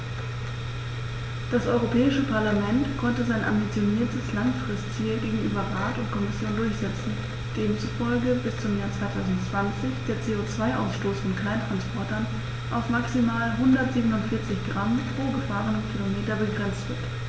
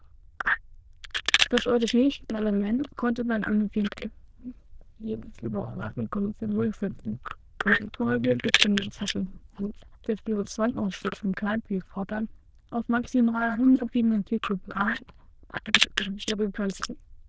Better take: first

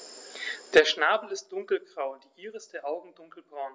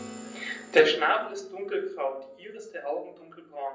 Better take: first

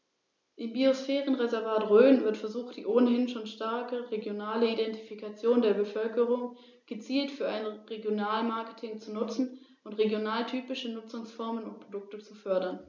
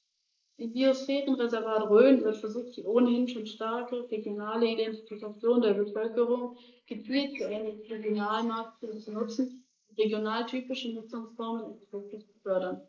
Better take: first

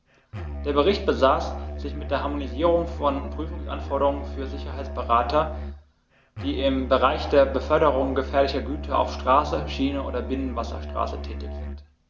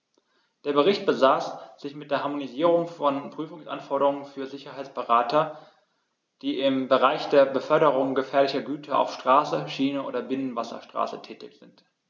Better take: second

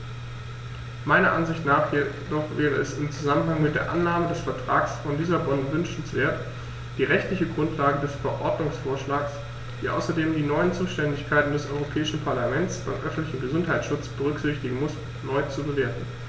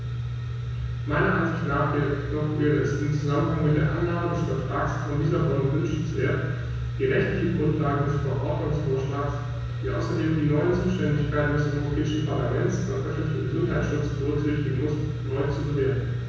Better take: first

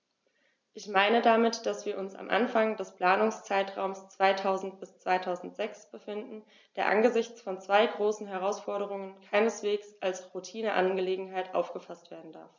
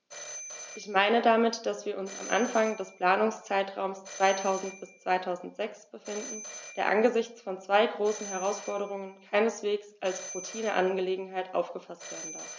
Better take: first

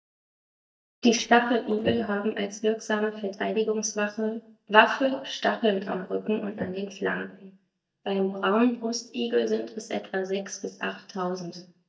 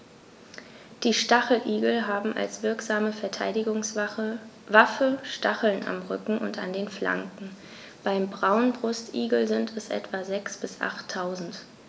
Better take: second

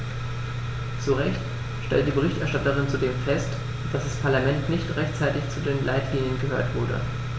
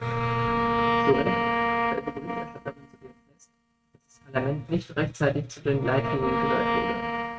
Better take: first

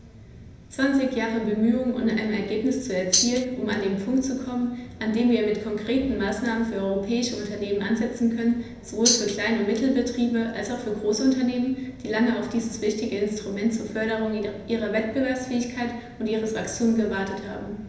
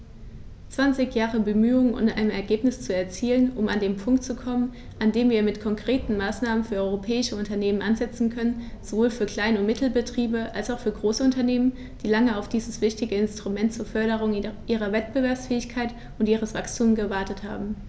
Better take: second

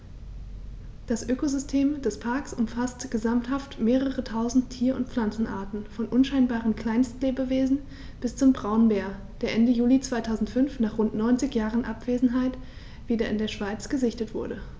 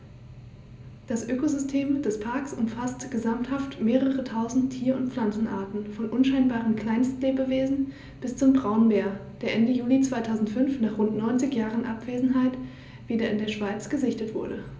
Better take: first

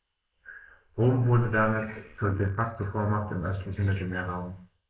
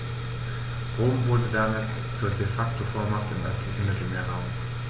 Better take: second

